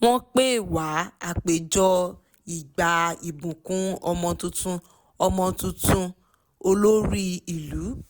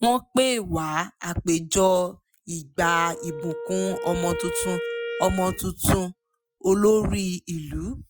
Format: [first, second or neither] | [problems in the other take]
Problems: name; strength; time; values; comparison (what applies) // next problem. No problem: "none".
first | noise reduction (classical method Wiener filter)